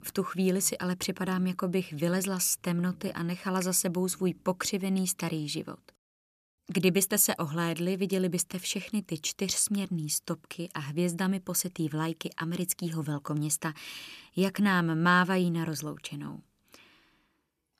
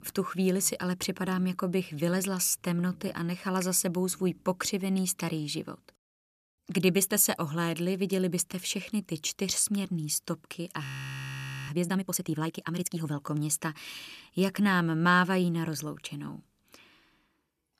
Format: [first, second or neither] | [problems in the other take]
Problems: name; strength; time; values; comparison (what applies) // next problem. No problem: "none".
first | audio freezing; at 11 s for 1 s